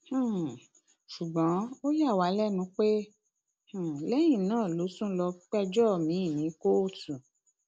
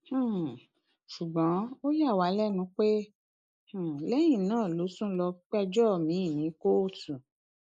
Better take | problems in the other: first | noise reduction (neural mask model Resemble Enhance denoiser)

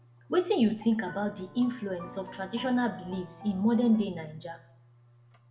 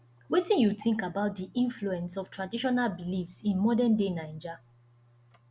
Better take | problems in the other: second | background sound (Piano); 17 dB below the speech // room echo; dies away in 0.5 s

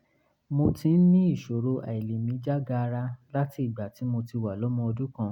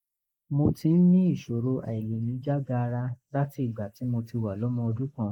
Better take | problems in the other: first | noise reduction (neural mask model Resemble Enhance denoiser)

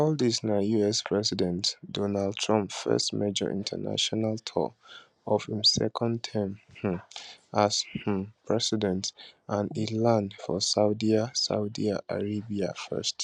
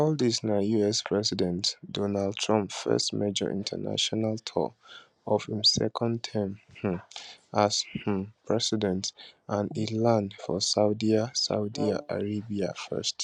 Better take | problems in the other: first | background sound (Brass instrument); 11 dB below the speech

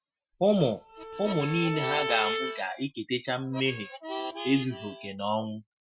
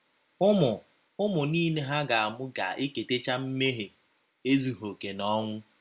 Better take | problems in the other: second | noise reduction (classical method Wiener filter)

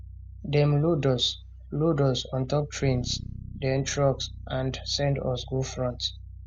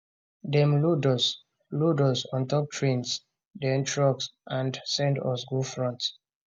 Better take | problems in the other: second | background sound (Bass guitar); 13 dB below the speech

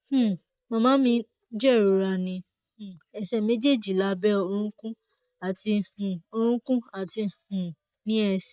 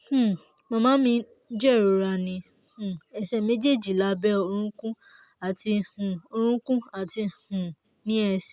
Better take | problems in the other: second | noise reduction (neural mask model DeepFilterNet 3)

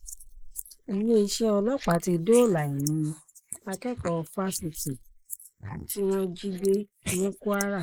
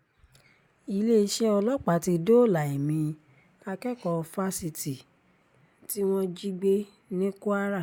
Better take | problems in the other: second | noise reduction (neural mask model Resemble Enhance denoiser)

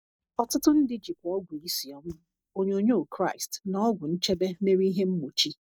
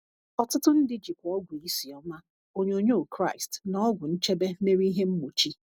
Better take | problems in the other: second | noise reduction (neural mask model DeepFilterNet 3)

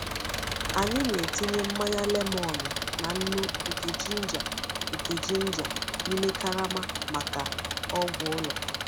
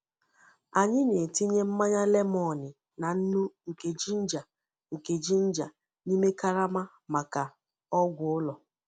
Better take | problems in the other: second | background sound (Engine); as loud as the speech

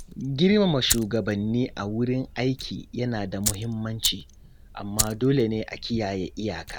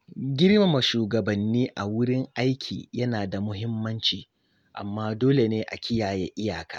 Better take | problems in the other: second | background sound (Fire); 9 dB below the speech

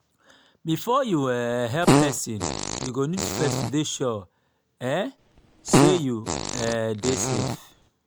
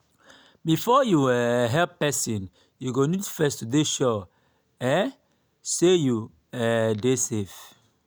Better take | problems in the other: second | background sound (Fart); 2 dB above the speech

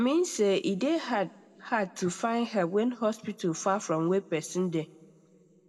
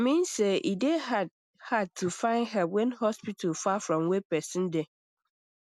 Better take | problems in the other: second | room echo; dies away in 1.7 s

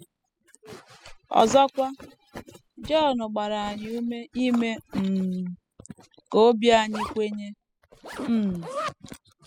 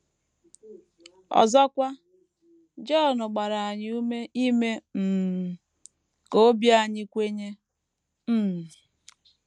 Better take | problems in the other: second | noise reduction (classical method spectral subtraction)

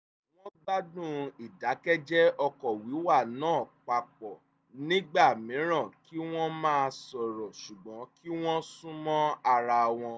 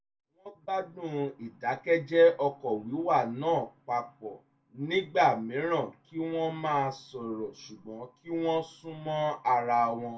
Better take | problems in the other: first | room echo; dies away in 0.2 s

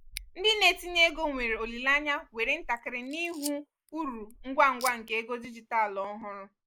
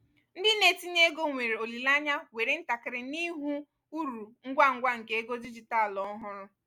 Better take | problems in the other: second | noise reduction (neural mask model Resemble Enhance denoiser)

